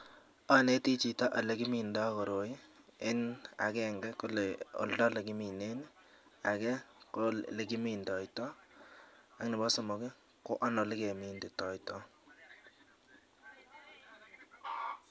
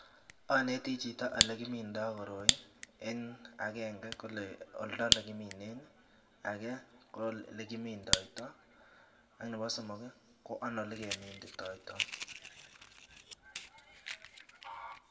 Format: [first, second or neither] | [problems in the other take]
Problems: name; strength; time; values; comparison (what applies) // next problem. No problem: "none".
first | background sound (Fire); 1 dB above the speech // room echo; dies away in 1.1 s